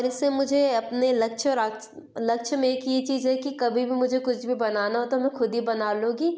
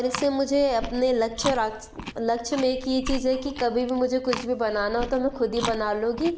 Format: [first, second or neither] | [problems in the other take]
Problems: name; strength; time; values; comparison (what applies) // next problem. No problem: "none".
first | background sound (Chewing, mastication); 11 dB below the speech